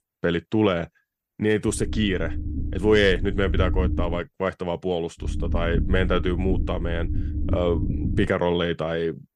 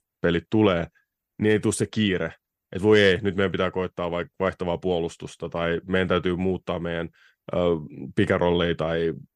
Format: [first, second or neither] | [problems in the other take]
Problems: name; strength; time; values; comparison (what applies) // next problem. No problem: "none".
second | low rumble; noticeable; from 1.5 to 4 s and from 5 to 8.5 s; 15 dB below the speech